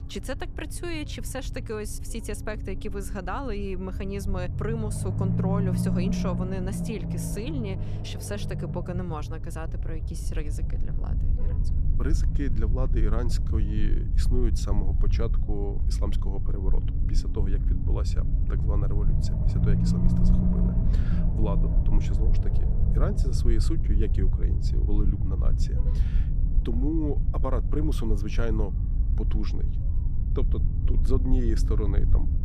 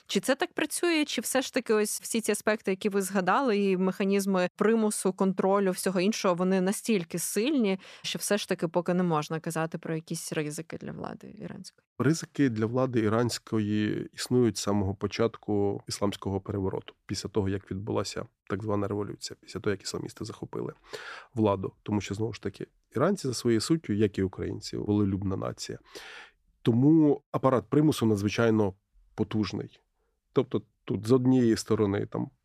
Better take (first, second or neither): second